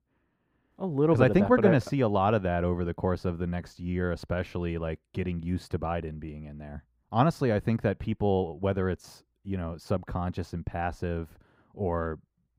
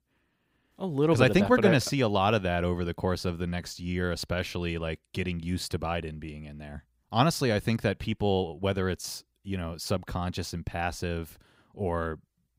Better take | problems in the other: second | muffled; slightly; fading above 2.5 kHz

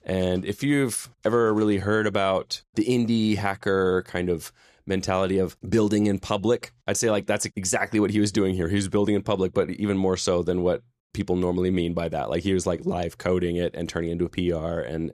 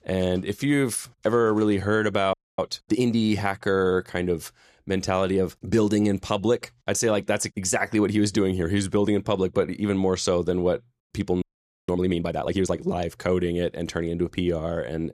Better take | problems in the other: first | audio freezing; at 2.5 s and at 11 s

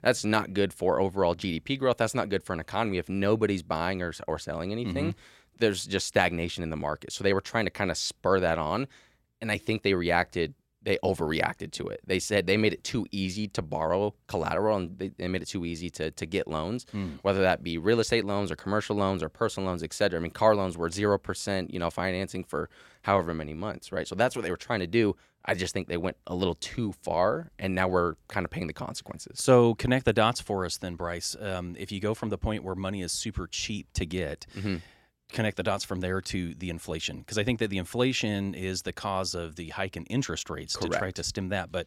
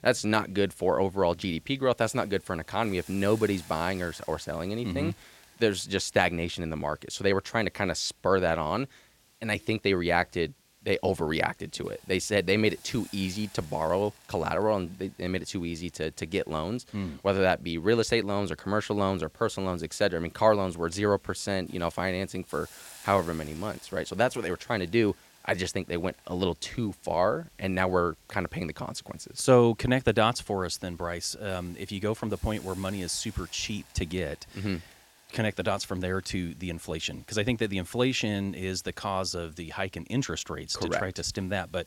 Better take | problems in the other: first | hiss; faint; throughout; 25 dB below the speech

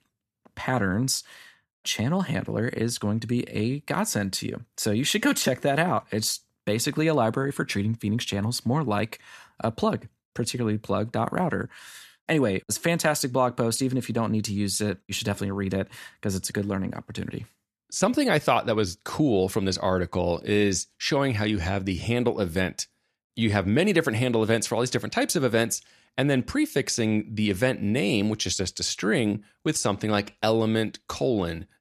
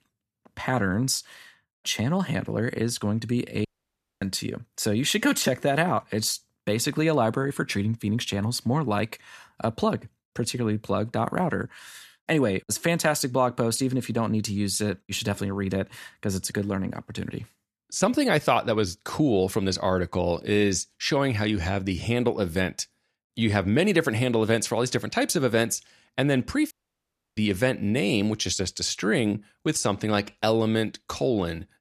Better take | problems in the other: first | audio cutting out; at 3.5 s for 0.5 s and at 27 s for 0.5 s

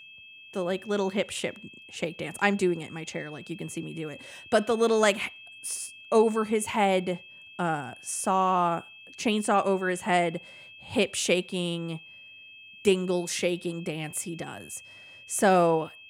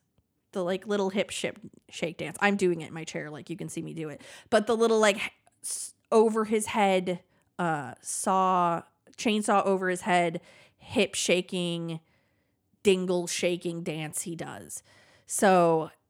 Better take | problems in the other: second | high-pitched whine; noticeable; throughout; 2.5 kHz, 20 dB below the speech

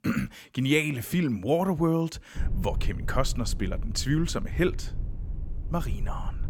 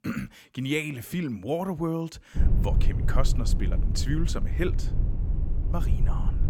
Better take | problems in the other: first | low rumble; loud; from 2.5 s on; 9 dB below the speech; faint in the first

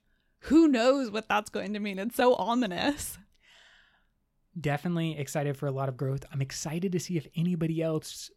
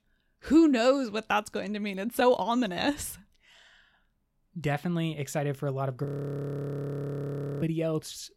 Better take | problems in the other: first | audio freezing; at 6 s for 1.5 s

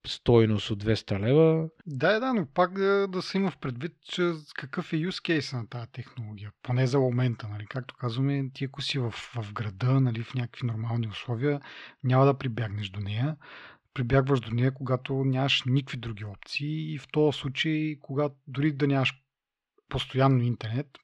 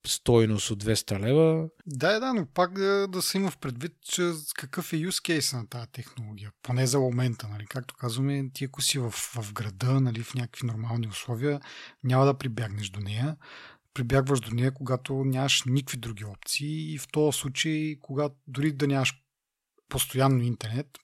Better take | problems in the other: second | muffled; slightly; fading above 3.5 kHz

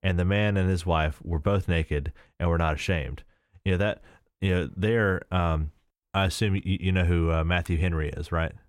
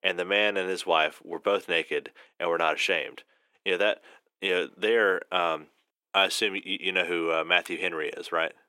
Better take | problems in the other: first | thin; very; fading below 350 Hz

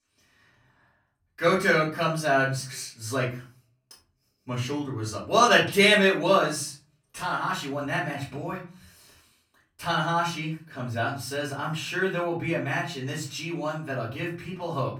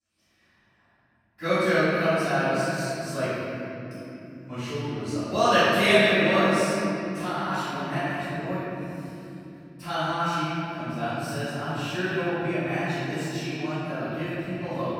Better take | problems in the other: first | room echo; strong; dies away in 3 s; slight in the first // off-mic speech; far; far in the first

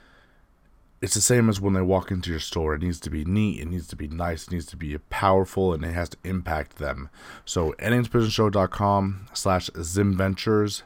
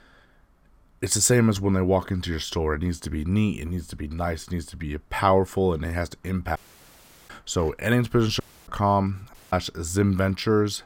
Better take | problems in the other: first | audio cutting out; at 6.5 s for 0.5 s, at 8.5 s and at 9.5 s

